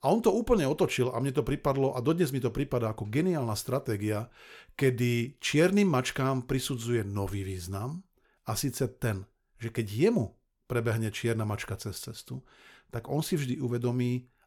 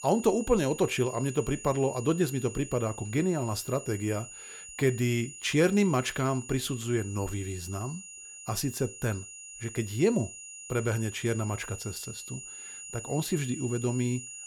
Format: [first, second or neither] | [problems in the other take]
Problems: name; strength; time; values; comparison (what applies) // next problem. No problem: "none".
first | high-pitched whine; noticeable; throughout; 7 kHz, 10 dB below the speech